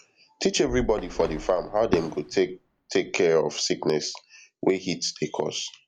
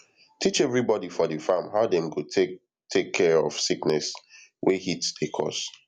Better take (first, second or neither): second